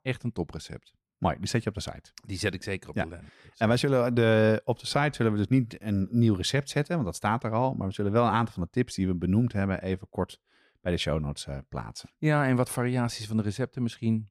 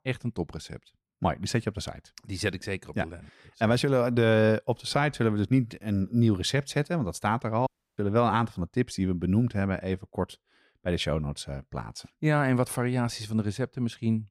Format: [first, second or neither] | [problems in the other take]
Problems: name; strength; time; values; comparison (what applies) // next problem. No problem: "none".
first | audio cutting out; at 7.5 s